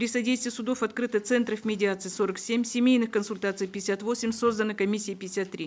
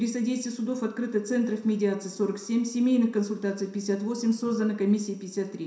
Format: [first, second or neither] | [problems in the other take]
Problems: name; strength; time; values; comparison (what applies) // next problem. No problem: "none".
first | room echo; dies away in 0.7 s